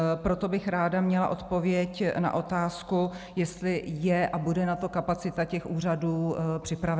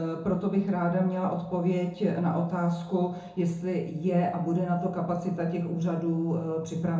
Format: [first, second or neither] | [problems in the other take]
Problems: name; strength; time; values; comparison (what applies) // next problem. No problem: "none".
first | room echo; dies away in 0.7 s